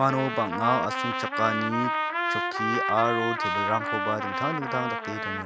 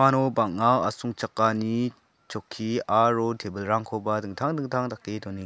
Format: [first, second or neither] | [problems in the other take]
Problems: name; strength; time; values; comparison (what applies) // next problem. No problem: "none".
second | background sound (Trumpet); as loud as the speech